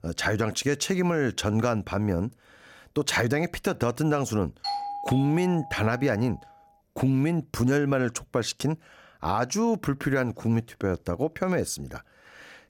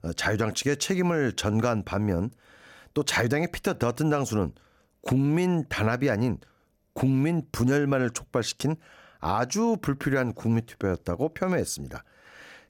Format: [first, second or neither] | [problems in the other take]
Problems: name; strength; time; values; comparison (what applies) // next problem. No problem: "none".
second | doorbell; noticeable; from 4.5 to 6 s; peak 4 dB below the speech